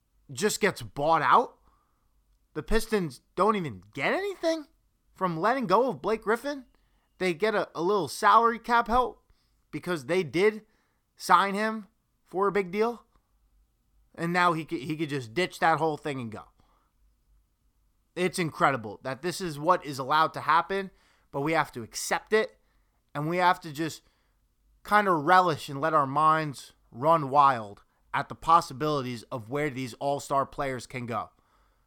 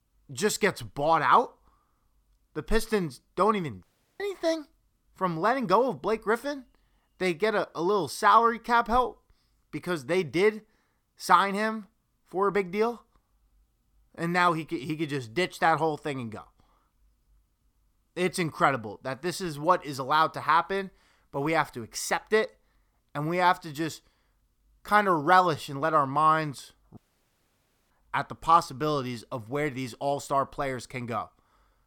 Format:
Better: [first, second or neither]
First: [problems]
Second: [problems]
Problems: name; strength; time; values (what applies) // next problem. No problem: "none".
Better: first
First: none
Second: audio cutting out; at 4 s and at 27 s for 1 s